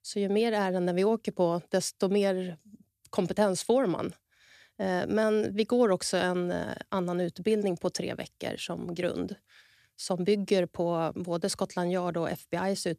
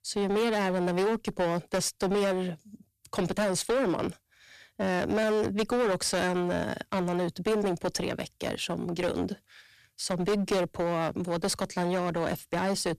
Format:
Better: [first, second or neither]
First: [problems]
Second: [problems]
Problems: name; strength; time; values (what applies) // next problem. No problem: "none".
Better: first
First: none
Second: distortion; heavy; 15% of the sound clipped